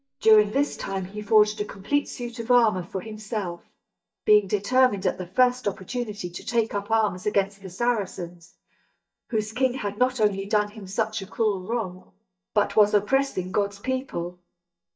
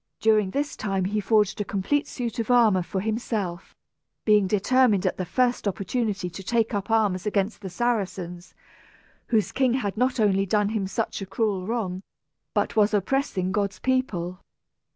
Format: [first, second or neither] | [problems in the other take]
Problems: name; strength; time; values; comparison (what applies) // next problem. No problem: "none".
second | noise reduction (neural mask model DeepFilterNet 3)